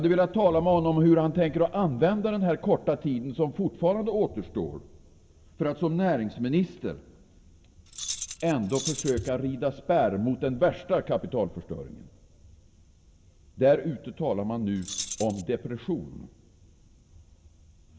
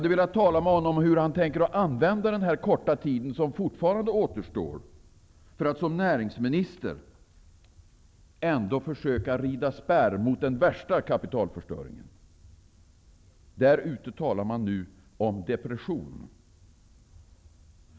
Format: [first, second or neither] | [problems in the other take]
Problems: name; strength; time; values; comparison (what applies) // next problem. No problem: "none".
second | background sound (Keys jangling); 9 dB below the speech // room echo; dies away in 0.4 s